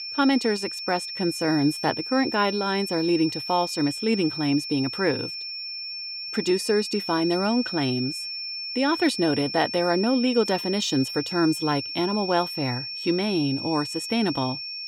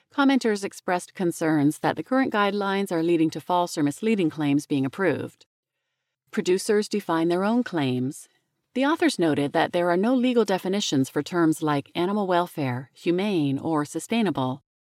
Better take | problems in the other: second | high-pitched whine; loud; throughout; 5.5 kHz, 6 dB below the speech

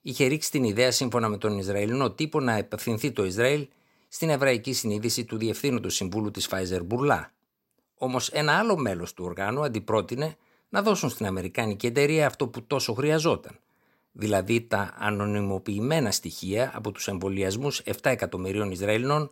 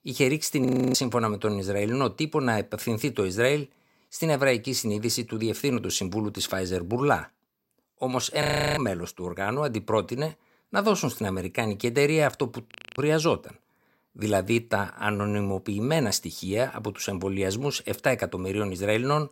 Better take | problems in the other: first | audio freezing; at 0.5 s, at 8.5 s and at 13 s

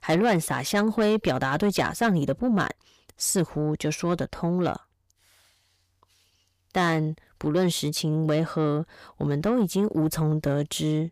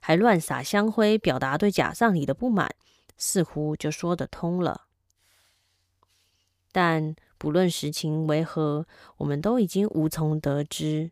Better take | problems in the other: second | distortion; slight; 10 dB below the speech

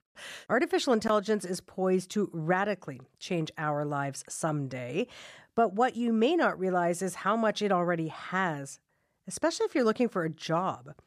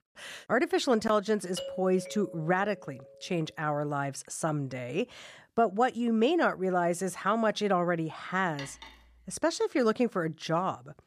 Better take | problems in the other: first | doorbell; noticeable; from 1.5 to 3 s; peak 9 dB below the speech // clattering dishes; faint; at 8.5 s; peak 15 dB below the speech

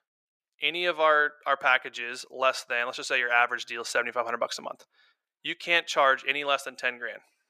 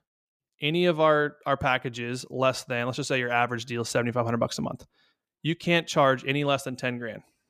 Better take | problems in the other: second | thin; very; fading below 600 Hz

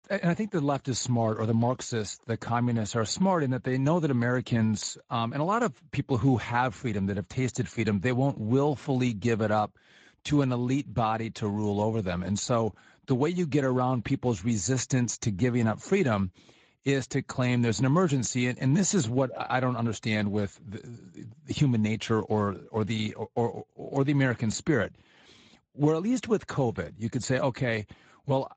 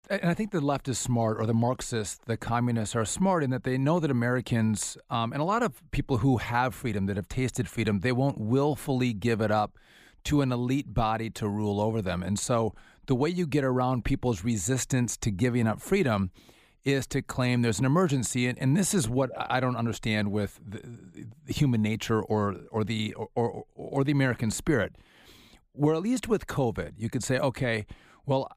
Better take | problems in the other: second | garbled, watery; slightly; nothing above 7.5 kHz

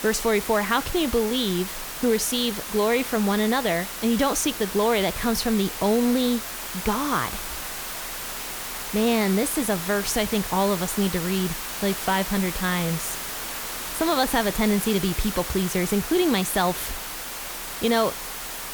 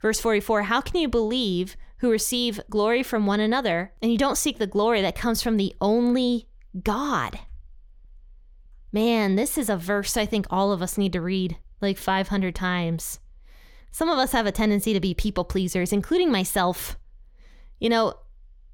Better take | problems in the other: second | hiss; loud; throughout; 6 dB below the speech

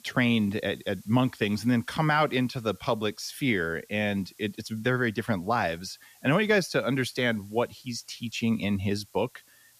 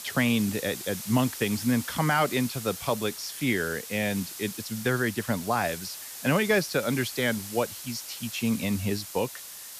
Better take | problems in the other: first | hiss; loud; throughout; 9 dB below the speech; faint in the first

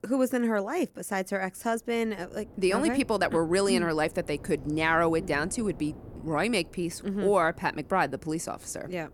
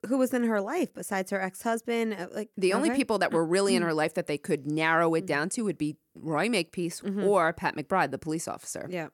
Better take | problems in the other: second | wind noise on the microphone; occasional gusts; 25 dB below the speech

